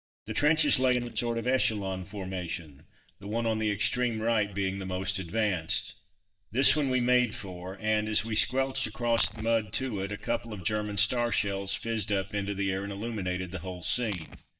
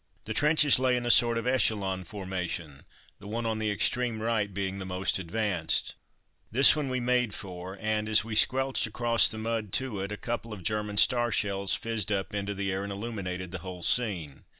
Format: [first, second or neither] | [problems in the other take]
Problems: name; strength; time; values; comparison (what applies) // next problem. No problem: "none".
second | noise reduction (neural mask model DeepFilterNet 3)